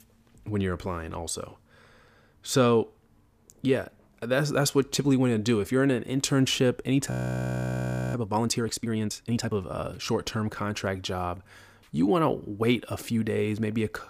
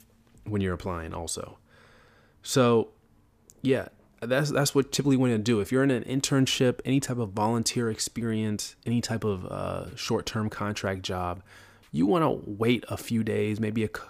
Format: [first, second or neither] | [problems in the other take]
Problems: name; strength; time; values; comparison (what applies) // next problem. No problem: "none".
second | audio freezing; at 7 s for 1 s